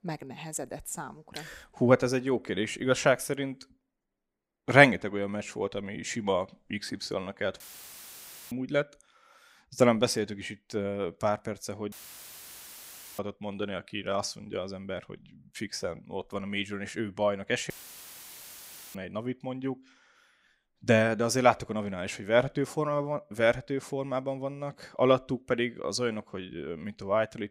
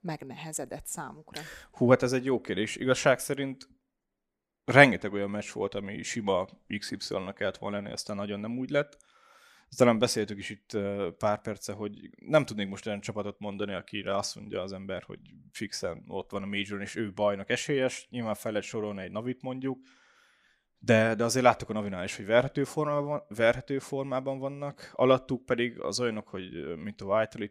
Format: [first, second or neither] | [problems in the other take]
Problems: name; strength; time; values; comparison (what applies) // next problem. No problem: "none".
second | audio cutting out; filled with static; at 7.5 s for 1 s, at 12 s for 1.5 s and at 18 s for 1.5 s